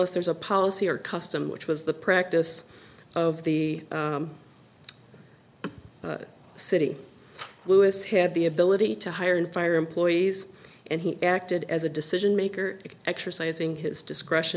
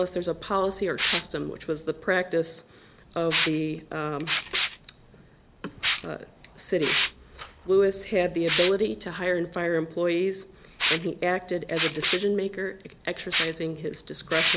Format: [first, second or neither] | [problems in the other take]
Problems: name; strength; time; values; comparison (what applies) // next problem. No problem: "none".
first | background sound (Liquid); 5 dB below the speech